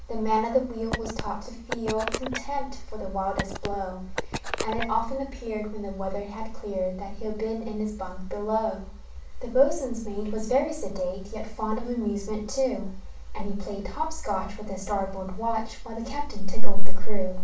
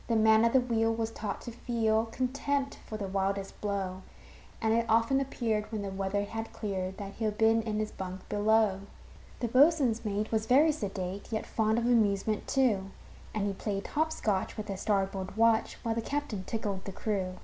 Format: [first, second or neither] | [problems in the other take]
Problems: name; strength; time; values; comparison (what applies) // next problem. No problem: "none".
second | background sound (Telephone); 15 dB below the speech // room echo; dies away in 0.3 s